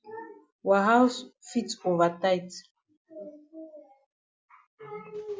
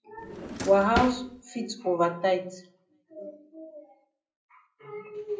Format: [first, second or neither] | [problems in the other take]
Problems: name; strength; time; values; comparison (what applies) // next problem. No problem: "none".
first | background sound (Drawer open or close); 5 dB below the speech // room echo; dies away in 0.5 s